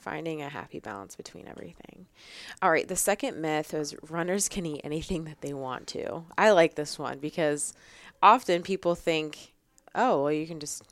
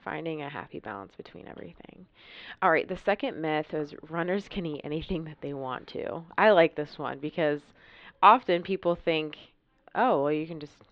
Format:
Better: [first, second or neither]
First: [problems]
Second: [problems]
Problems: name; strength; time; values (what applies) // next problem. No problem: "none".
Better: first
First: none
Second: muffled; very; fading above 3.5 kHz